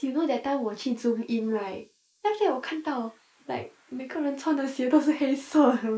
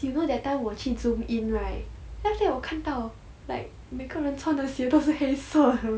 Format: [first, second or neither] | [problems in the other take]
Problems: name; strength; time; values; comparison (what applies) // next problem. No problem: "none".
second | noise reduction (neural mask model Resemble Enhance denoiser)